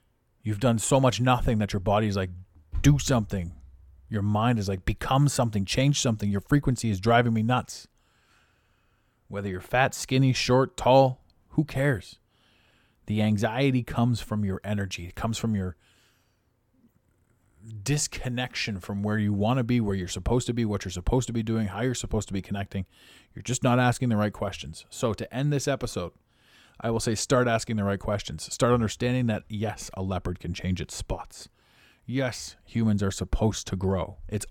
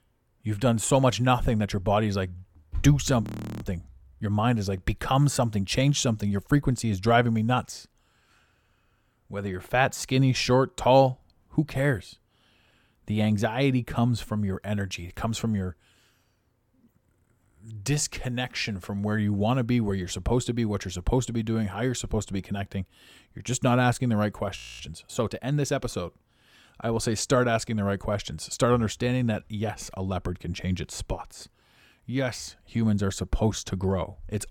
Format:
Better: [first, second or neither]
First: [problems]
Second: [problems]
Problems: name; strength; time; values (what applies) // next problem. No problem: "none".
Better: first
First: none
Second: audio freezing; at 3 s and at 25 s